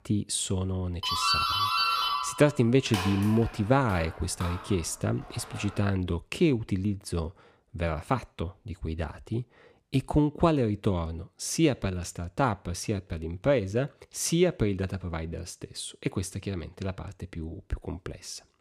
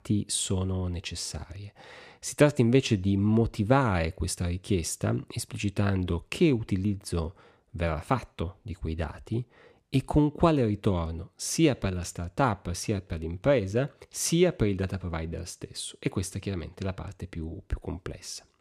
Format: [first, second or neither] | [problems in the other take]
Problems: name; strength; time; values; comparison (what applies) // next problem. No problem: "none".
second | doorbell; loud; from 1 to 5.5 s; peak 5 dB above the speech